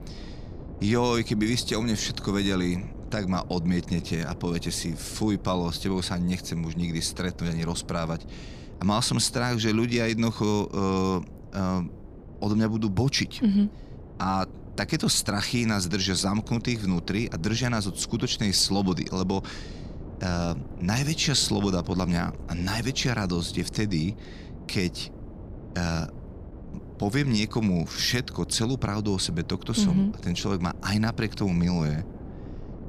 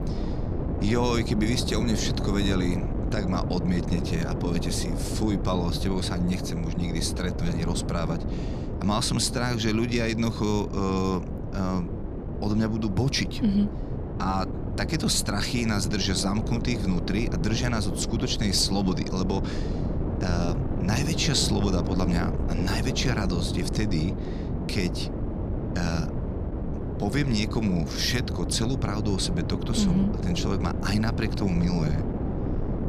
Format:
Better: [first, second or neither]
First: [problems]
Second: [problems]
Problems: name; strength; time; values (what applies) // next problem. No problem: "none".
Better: first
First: wind noise on the microphone; occasional gusts; 20 dB below the speech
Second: wind noise on the microphone; heavy; 7 dB below the speech